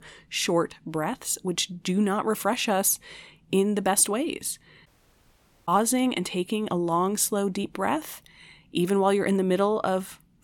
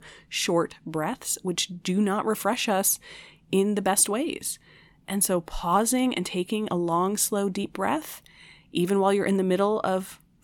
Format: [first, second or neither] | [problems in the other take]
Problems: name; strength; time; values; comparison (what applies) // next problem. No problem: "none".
second | audio cutting out; at 5 s for 1 s